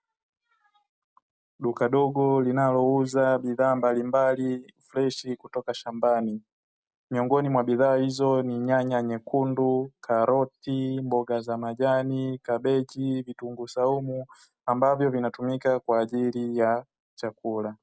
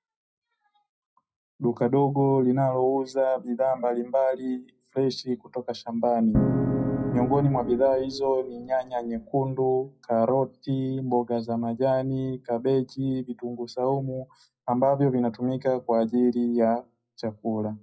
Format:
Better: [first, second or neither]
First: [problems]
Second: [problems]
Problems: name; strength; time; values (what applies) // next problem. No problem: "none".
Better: first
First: none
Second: noise reduction (classical method WPE with log-MMSE)